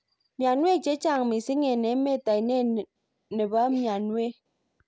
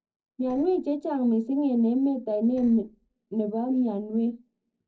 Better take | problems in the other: first | noise reduction (neural separator model SepFormer DNS4)

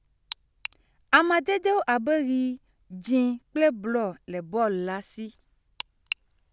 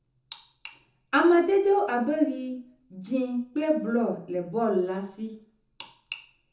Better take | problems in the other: first | room echo; dies away in 0.6 s

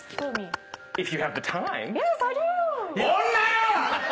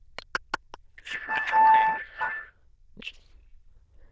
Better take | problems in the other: first | noise reduction (neural diffusion model UNIVERSE++)

